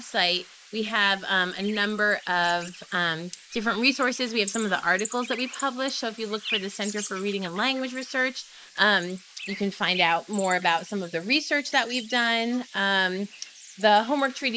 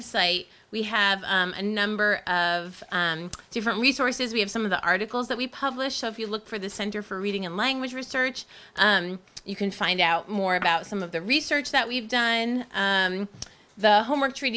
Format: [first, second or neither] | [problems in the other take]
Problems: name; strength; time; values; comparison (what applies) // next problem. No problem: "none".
second | noise reduction (neural mask model Resemble Enhance denoiser)